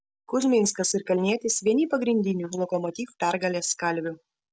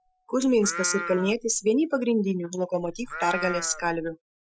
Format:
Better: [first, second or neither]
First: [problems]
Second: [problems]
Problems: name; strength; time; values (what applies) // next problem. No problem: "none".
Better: first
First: none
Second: noise reduction (classical method Wiener filter)